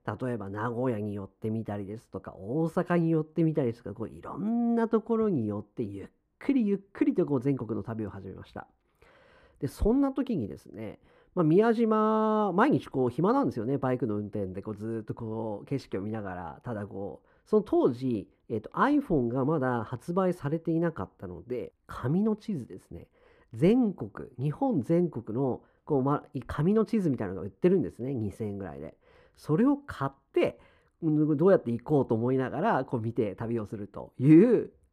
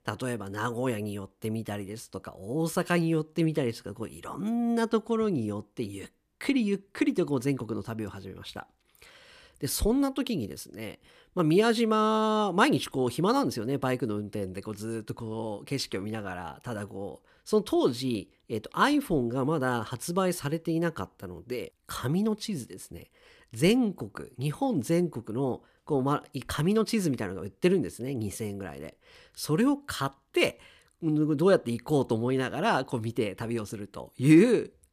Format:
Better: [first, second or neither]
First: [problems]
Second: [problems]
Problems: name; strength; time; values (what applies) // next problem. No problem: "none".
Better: second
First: muffled; very; fading above 2 kHz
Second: none